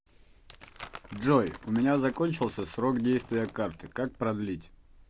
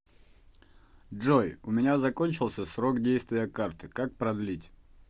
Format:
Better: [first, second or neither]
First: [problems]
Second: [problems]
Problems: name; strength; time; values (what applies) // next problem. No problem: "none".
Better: second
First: background sound (Crumpling, crinkling); 20 dB below the speech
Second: none